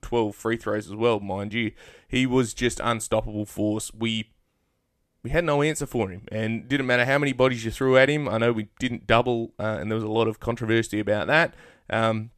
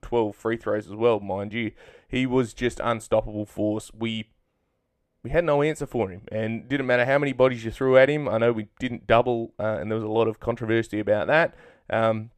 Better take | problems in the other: first | muffled; slightly; fading above 3.5 kHz

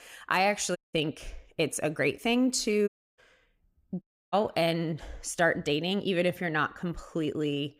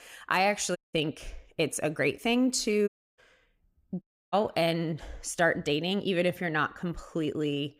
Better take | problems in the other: neither | audio cutting out; at 1 s, at 3 s and at 4 s; the same in both

